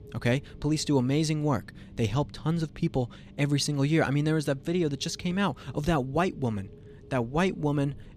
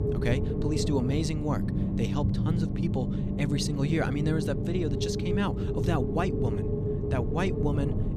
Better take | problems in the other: first | low rumble; loud; throughout; 2 dB below the speech; faint in the first

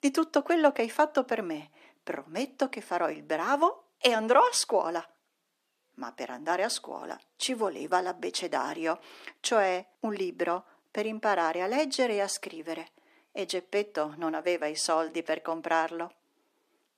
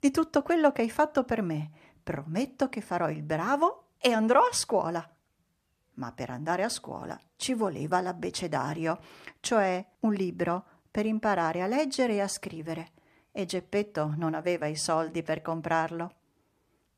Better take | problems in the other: second | thin; very slightly; fading below 300 Hz

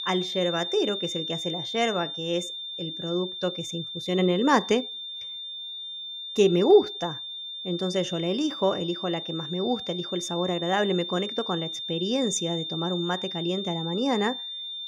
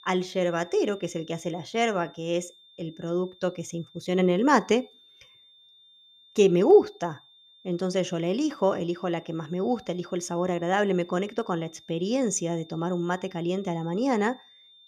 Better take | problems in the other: second | high-pitched whine; loud; throughout; 3.5 kHz, 6 dB below the speech; faint in the second

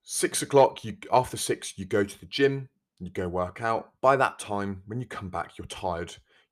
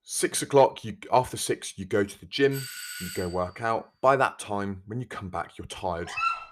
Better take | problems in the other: first | doorbell; noticeable; at 2.5 s; peak 8 dB below the speech // dog barking; noticeable; at 6 s; peak 1 dB below the speech

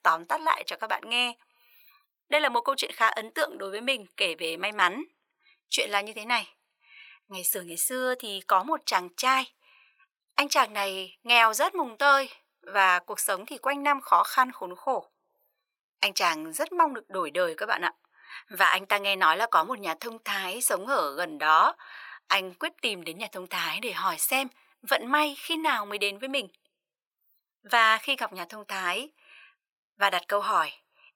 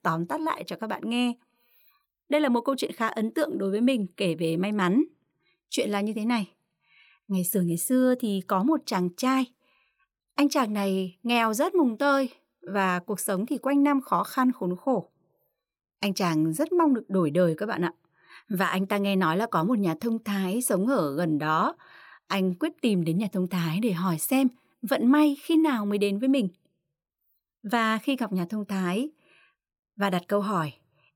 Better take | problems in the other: second | thin; very; fading below 850 Hz

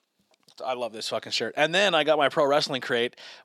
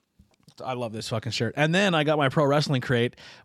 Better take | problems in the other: second | thin; somewhat; fading below 350 Hz

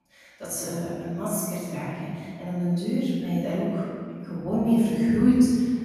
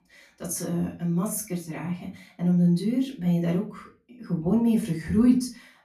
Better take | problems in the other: second | room echo; strong; dies away in 1.9 s; slight in the second // off-mic speech; far; far in the second

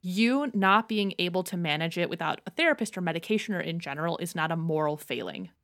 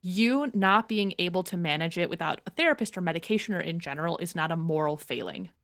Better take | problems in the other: first | garbled, watery; slightly; nothing above 18.5 kHz

